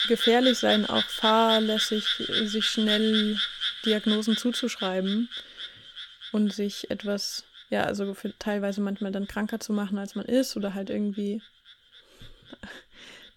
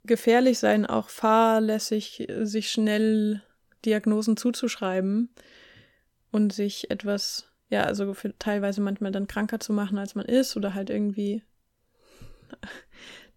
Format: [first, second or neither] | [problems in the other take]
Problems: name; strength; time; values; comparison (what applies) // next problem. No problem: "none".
second | animal sounds; loud; throughout; as loud as the speech